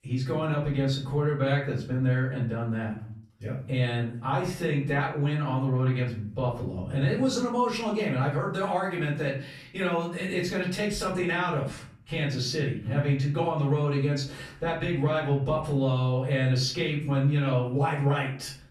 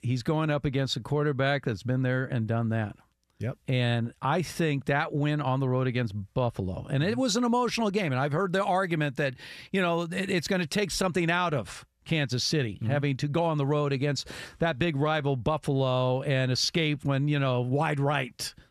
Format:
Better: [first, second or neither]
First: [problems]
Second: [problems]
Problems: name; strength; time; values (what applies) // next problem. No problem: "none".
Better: second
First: off-mic speech; far // room echo; slight; dies away in 0.5 s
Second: none